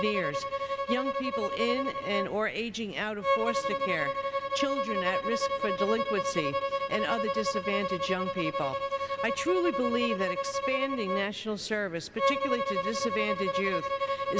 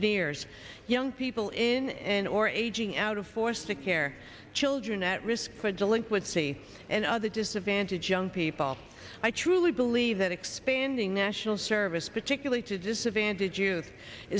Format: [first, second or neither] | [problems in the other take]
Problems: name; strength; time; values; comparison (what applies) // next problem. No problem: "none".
second | background sound (Bowed string instrument); 1 dB above the speech